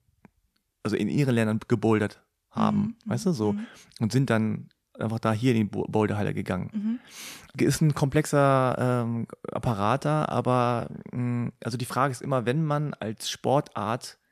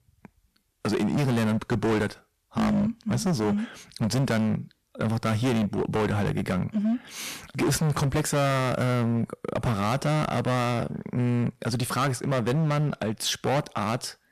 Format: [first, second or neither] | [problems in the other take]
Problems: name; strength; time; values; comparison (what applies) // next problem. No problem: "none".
first | distortion; heavy; 19% of the sound clipped